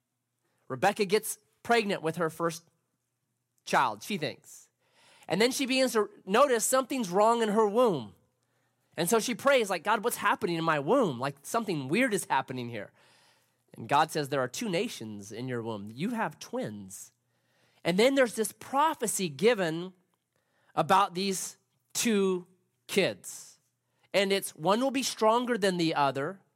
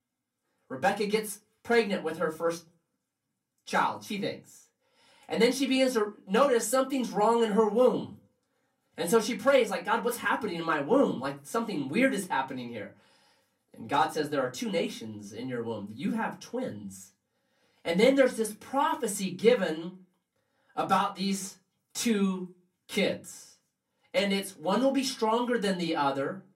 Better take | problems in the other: first | off-mic speech; far // room echo; very slight; dies away in 0.2 s

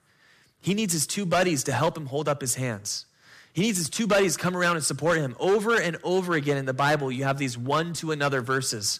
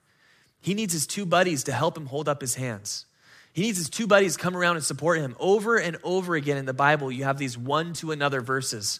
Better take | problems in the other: second | distortion; slight; 4% of the sound clipped

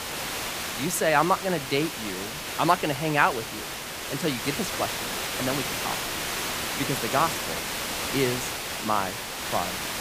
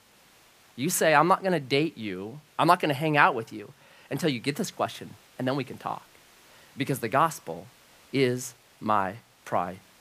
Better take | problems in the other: second | hiss; loud; throughout; 2 dB below the speech; faint in the second

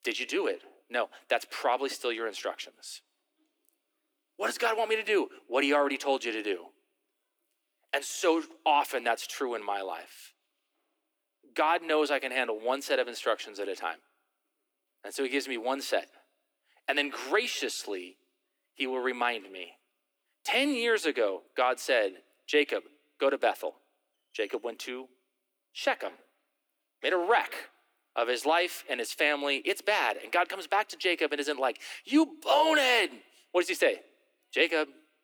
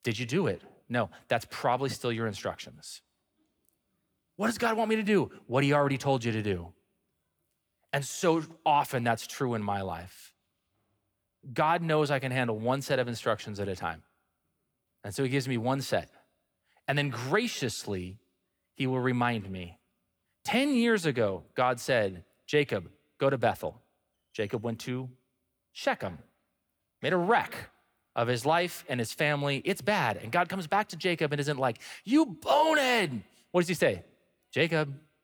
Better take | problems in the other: second | thin; somewhat; fading below 300 Hz

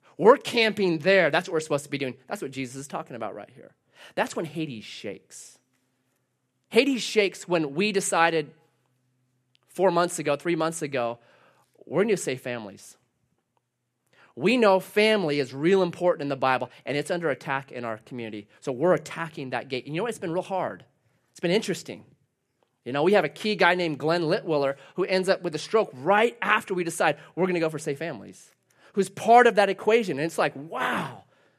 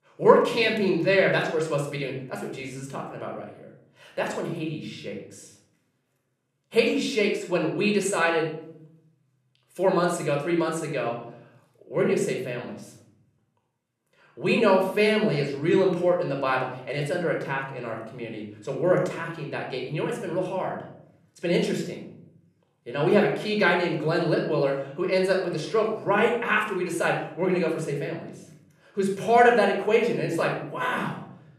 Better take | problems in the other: first | off-mic speech; somewhat distant // room echo; noticeable; dies away in 0.7 s

